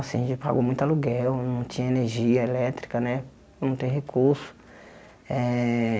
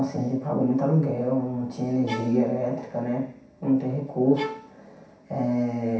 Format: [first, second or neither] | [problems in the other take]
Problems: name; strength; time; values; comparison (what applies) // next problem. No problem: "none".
first | background sound (Bowed string instrument); 14 dB below the speech // room echo; dies away in 0.7 s